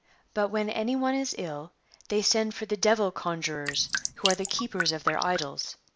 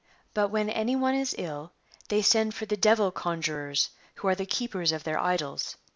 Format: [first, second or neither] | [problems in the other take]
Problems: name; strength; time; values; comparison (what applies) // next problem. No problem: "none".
second | background sound (Drip); 4 dB below the speech